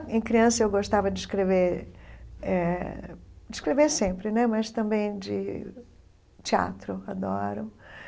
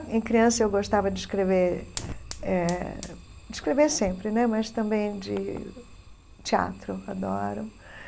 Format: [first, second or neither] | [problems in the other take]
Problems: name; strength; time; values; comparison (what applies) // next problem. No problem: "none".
first | background sound (Fire); 18 dB below the speech